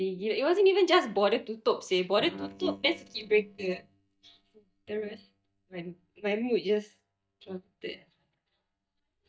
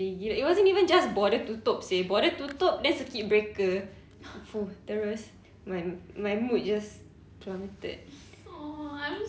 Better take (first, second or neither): second